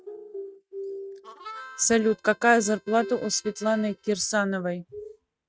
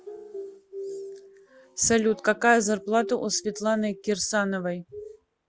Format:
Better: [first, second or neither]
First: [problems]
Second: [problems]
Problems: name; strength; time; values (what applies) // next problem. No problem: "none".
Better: second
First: noise reduction (neural mask model RNNoise)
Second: none